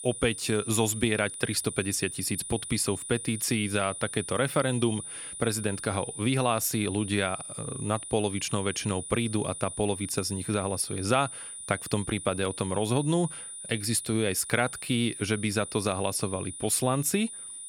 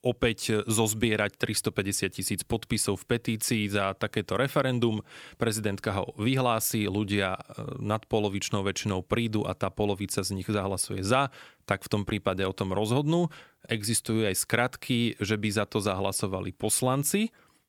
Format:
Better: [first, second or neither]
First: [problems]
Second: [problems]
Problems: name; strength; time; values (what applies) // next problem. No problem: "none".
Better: second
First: high-pitched whine; loud; throughout; 9.5 kHz, 8 dB below the speech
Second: none